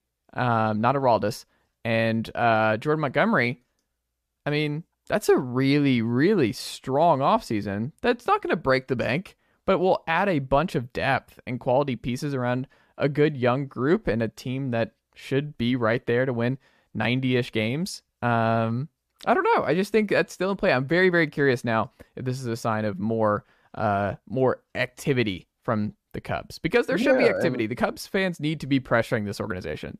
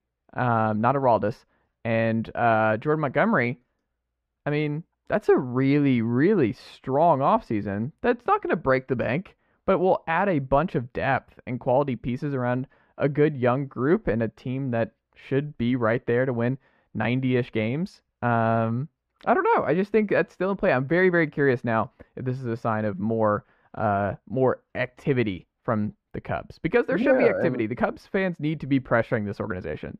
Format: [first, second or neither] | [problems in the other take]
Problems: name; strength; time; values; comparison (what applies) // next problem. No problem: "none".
first | muffled; slightly; fading above 4 kHz